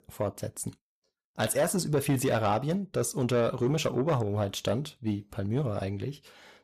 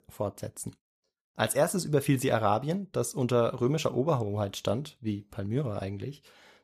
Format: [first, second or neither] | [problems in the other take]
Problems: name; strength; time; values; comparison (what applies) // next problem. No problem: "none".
second | distortion; slight; 10 dB below the speech